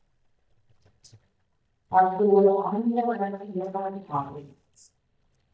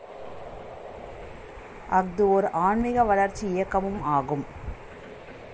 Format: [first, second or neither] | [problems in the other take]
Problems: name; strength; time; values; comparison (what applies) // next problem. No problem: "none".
second | noise reduction (neural mask model DeepFilterNet 3)